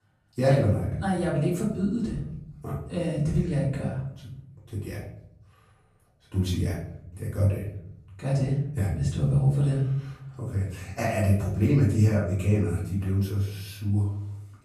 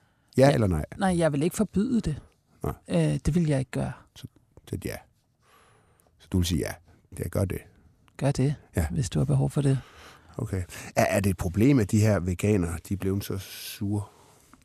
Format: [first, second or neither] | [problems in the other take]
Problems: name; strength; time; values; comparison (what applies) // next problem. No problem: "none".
second | off-mic speech; far // room echo; noticeable; dies away in 0.9 s